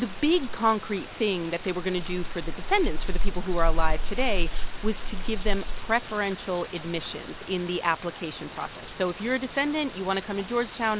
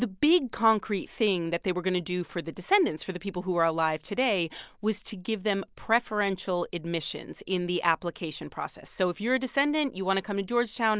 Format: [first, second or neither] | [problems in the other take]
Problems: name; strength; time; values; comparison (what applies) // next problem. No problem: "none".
second | background sound (Rain); 2 dB above the speech